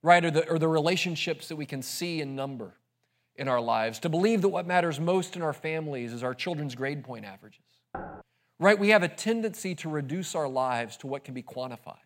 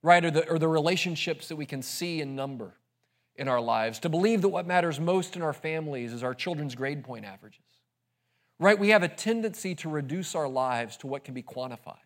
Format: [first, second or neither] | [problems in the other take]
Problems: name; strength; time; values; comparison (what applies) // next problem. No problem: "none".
second | door banging; faint; at 8 s; peak 15 dB below the speech